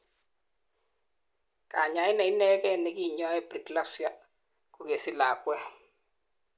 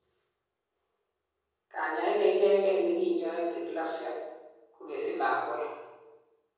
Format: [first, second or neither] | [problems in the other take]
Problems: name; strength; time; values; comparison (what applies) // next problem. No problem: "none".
first | room echo; dies away in 1.3 s